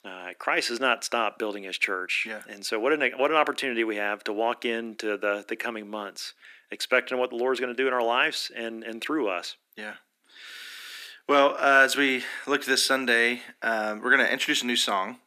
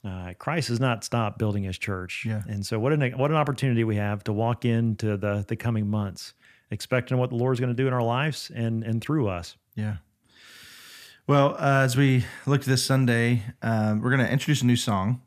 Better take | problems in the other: second | thin; very; fading below 300 Hz

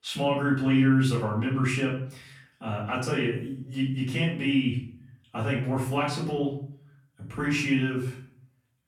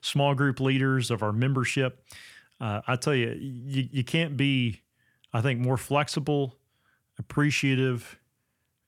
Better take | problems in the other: second | off-mic speech; far // room echo; noticeable; dies away in 0.5 s

